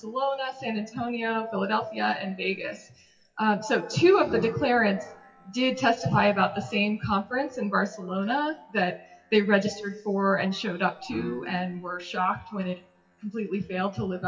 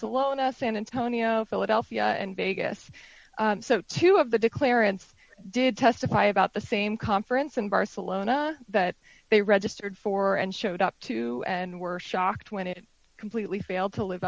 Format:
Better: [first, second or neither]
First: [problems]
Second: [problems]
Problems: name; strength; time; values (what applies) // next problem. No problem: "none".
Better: second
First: noise reduction (classical method WPE with log-MMSE)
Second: none